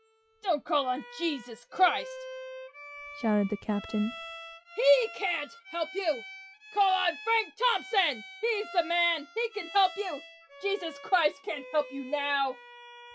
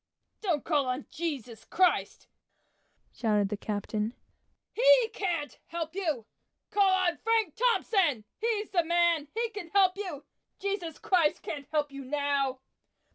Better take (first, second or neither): second